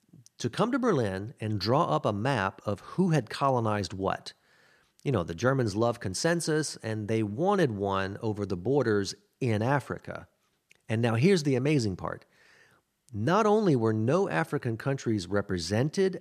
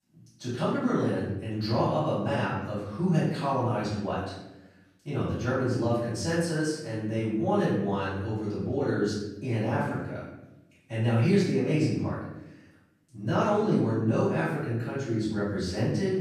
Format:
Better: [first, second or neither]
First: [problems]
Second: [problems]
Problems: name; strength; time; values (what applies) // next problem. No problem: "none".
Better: first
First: none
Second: room echo; strong; dies away in 0.9 s // off-mic speech; far